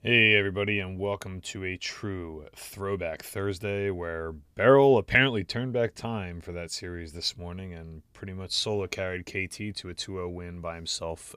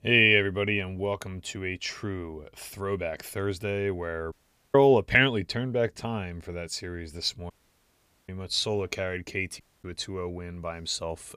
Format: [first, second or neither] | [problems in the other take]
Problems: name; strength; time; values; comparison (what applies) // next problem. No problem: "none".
first | audio cutting out; at 4.5 s, at 7.5 s for 1 s and at 9.5 s